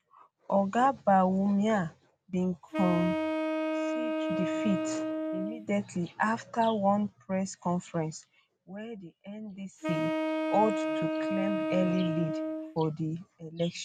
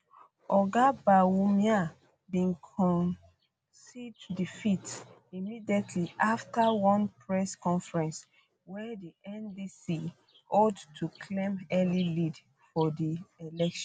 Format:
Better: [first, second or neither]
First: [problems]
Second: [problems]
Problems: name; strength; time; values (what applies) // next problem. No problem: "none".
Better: second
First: background sound (Wind instrument, woodwind instrument); 1 dB below the speech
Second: none